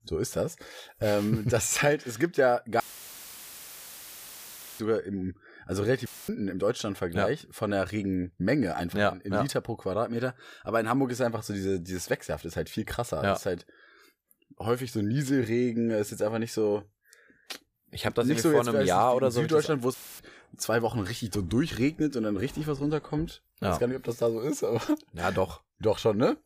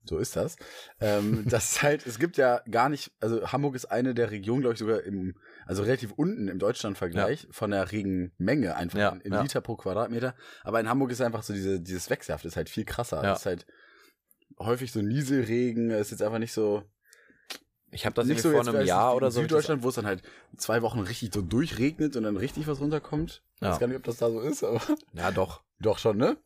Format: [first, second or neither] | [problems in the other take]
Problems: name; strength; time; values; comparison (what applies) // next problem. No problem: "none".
second | audio cutting out; filled with static; at 3 s for 2 s, at 6 s and at 20 s